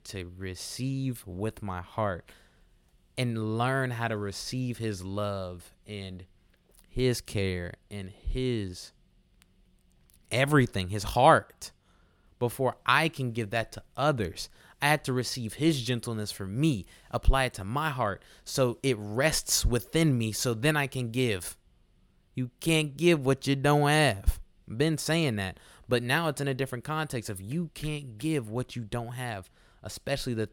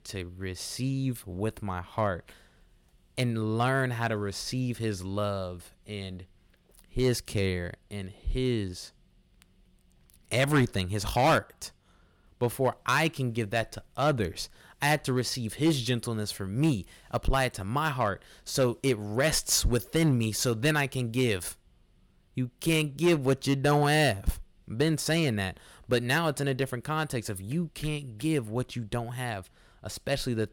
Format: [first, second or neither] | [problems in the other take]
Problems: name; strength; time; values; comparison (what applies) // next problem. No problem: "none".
first | distortion; slight; 2% of the sound clipped